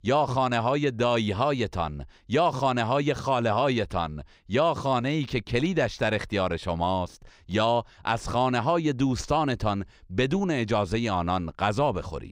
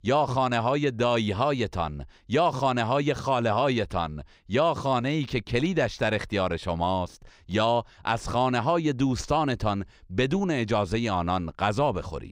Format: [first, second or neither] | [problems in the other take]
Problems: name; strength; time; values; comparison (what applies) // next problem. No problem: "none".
neither | none